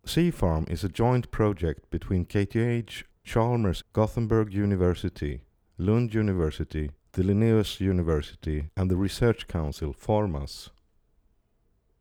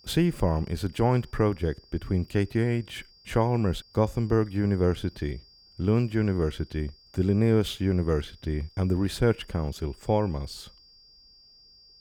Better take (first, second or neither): first